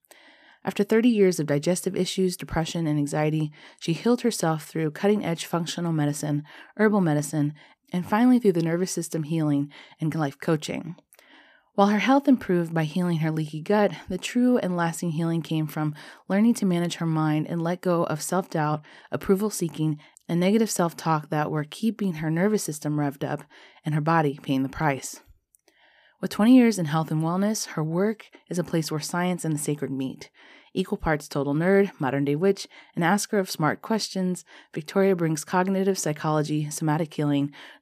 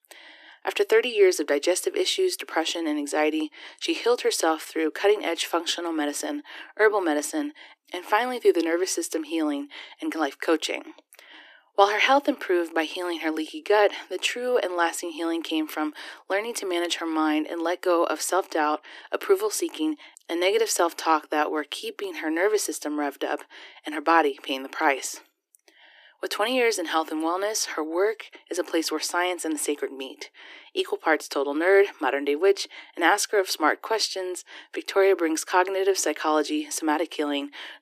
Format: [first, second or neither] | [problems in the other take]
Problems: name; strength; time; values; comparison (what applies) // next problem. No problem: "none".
first | thin; very; fading below 300 Hz